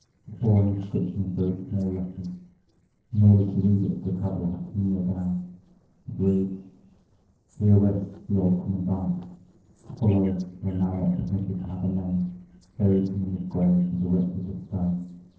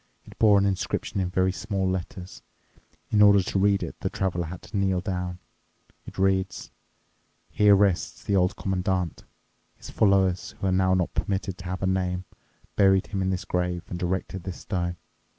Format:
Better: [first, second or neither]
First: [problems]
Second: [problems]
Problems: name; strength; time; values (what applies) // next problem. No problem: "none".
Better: second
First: noise reduction (neural separator model SepFormer DNS4)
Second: none